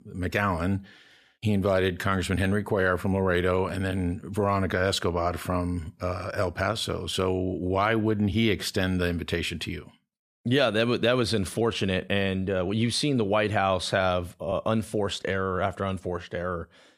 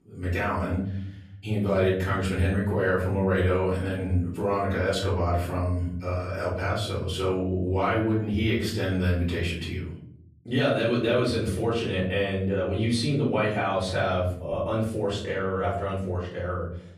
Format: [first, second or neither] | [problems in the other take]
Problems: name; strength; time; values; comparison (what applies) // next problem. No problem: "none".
first | off-mic speech; far // room echo; noticeable; dies away in 0.9 s